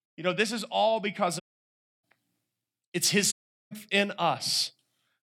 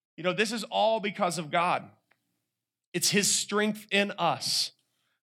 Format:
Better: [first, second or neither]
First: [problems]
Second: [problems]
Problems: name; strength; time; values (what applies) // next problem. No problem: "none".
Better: second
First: audio cutting out; at 1.5 s for 0.5 s and at 3.5 s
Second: none